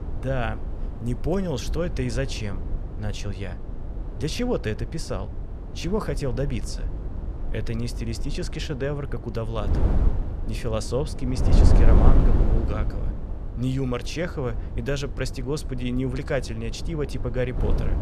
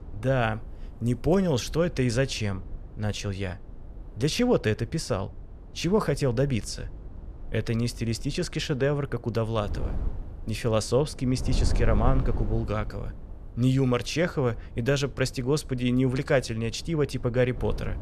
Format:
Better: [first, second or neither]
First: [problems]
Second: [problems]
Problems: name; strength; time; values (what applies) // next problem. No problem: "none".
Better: second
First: wind noise on the microphone; heavy; 7 dB below the speech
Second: wind noise on the microphone; occasional gusts; 20 dB below the speech